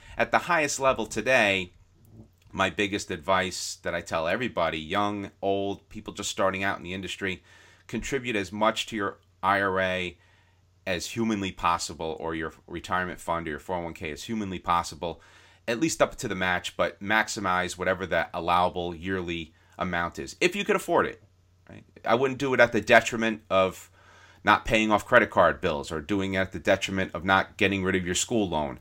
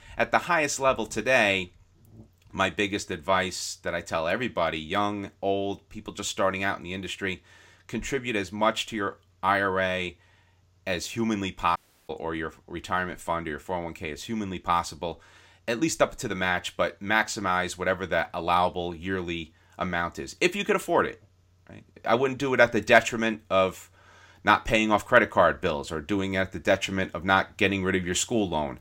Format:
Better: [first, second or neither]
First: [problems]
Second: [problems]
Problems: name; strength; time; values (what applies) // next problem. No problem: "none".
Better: first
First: none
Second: audio cutting out; at 12 s